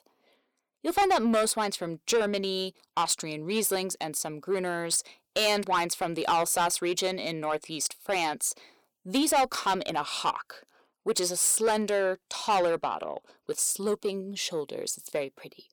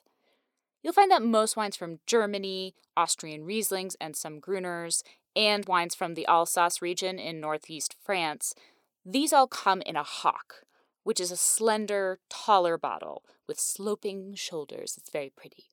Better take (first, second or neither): second